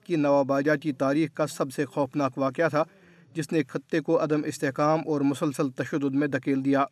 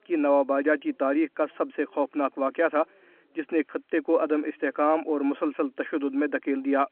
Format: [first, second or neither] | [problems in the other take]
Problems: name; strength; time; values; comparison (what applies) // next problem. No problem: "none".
first | phone-call audio